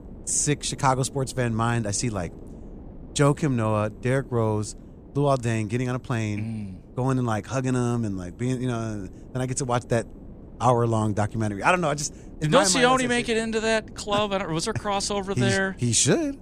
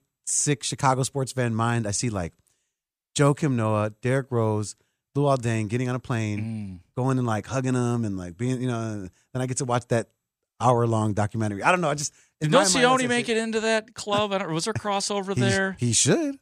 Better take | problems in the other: second | wind noise on the microphone; occasional gusts; 25 dB below the speech

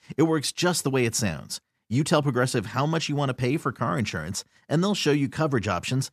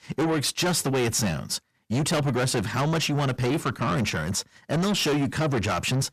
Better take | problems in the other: first | distortion; heavy; 6 dB below the speech

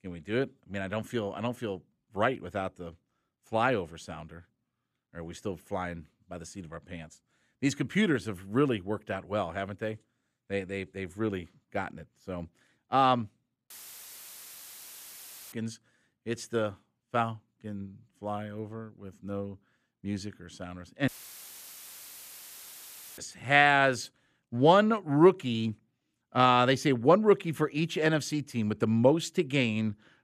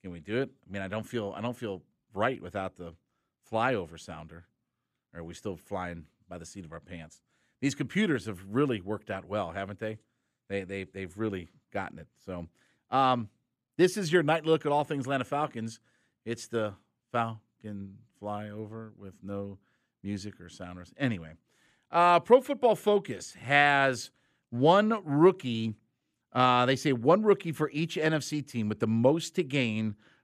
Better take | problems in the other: second | audio cutting out; filled with static; at 14 s for 2 s and at 21 s for 2 s

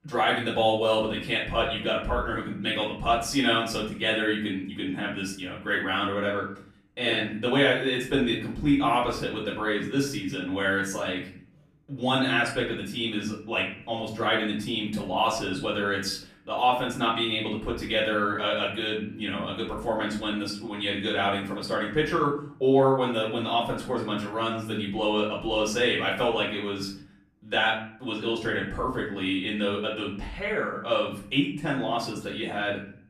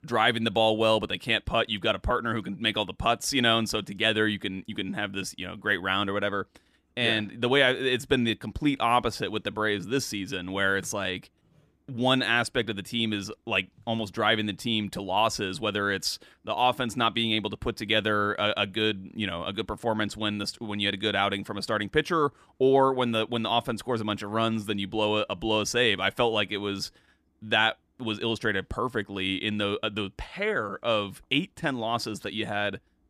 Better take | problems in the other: second | off-mic speech; far // room echo; slight; dies away in 0.5 s

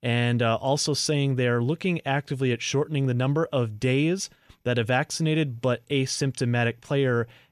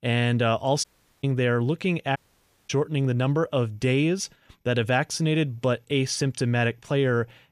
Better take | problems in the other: first | audio cutting out; at 1 s and at 2 s for 0.5 s

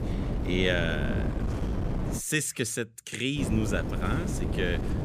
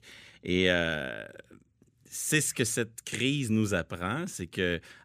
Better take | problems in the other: second | wind noise on the microphone; heavy; until 2 s and from 3.5 s on; 7 dB below the speech

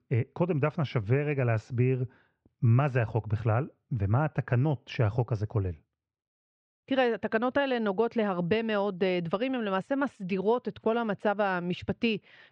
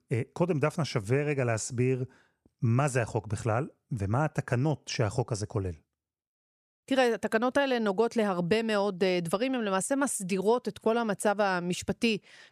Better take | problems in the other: second | muffled; slightly; fading above 3.5 kHz

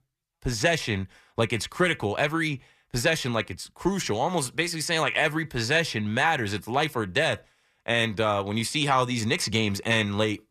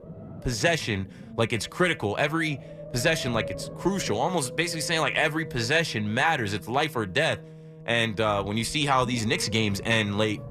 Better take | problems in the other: first | low rumble; noticeable; throughout; 20 dB below the speech

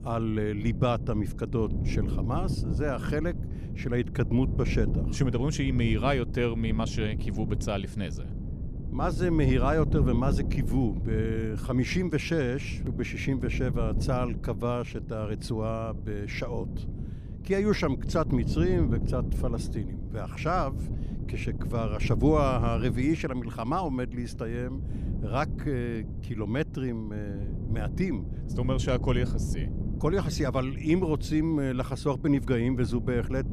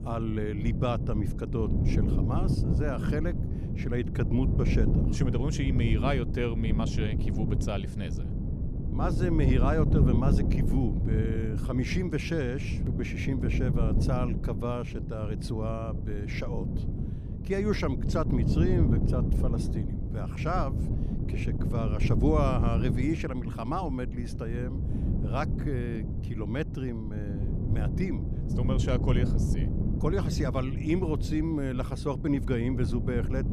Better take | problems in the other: first | wind noise on the microphone; heavy; 5 dB below the speech; occasional gusts in the first

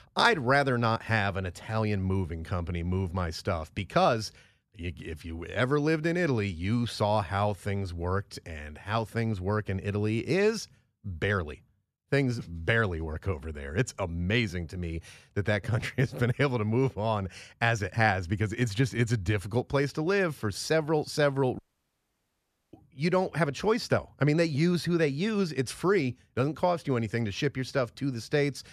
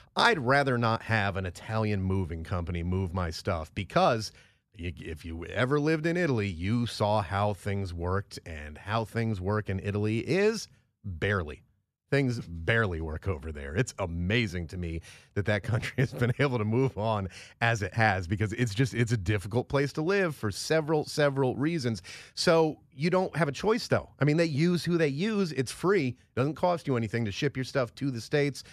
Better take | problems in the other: second | audio cutting out; at 22 s for 1 s

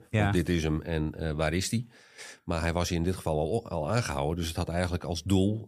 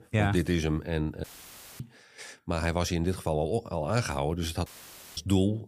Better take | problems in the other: first | audio cutting out; filled with static; at 1 s for 0.5 s and at 4.5 s for 0.5 s

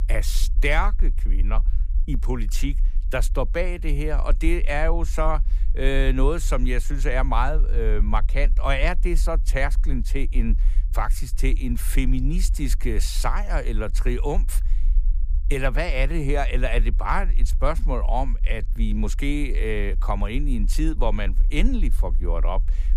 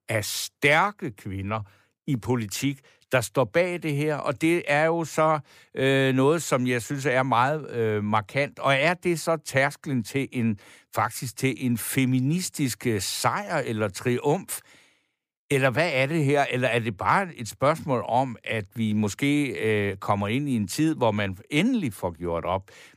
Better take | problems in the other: second | low rumble; faint; throughout; 20 dB below the speech

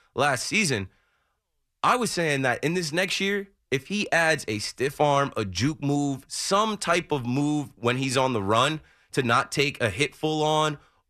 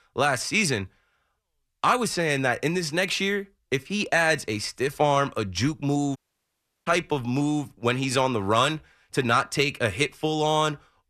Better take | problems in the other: first | audio cutting out; at 6 s for 0.5 s

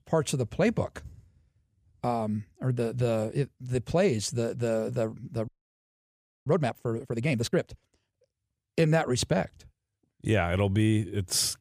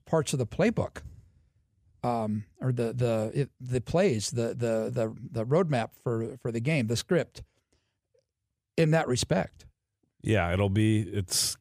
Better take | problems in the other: second | audio freezing; at 5.5 s for 1 s

